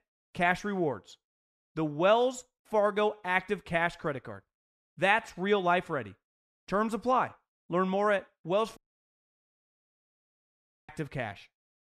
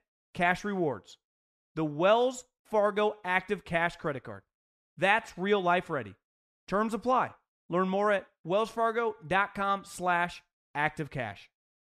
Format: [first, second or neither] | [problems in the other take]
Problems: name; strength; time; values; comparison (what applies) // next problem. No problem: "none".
second | audio cutting out; at 9 s for 2 s